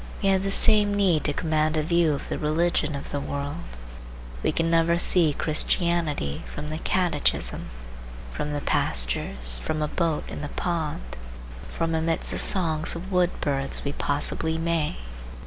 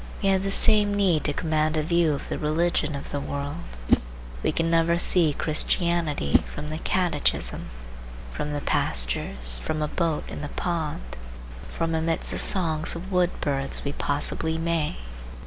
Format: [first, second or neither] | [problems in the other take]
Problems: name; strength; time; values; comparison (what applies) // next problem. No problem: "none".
first | background sound (Whoosh, swoosh, swish); 7 dB below the speech